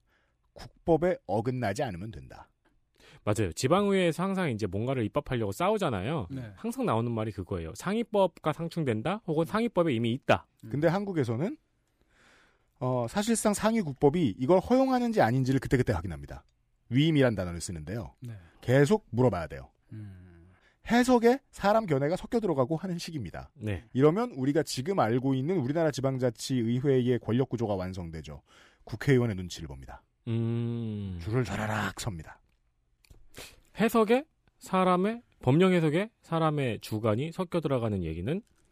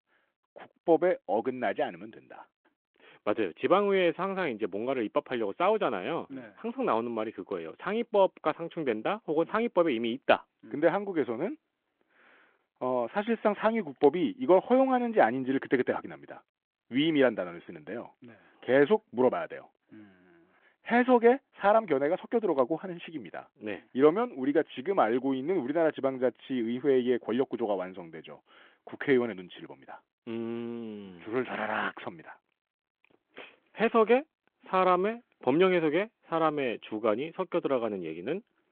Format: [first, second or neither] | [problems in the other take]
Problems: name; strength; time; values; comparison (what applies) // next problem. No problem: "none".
first | phone-call audio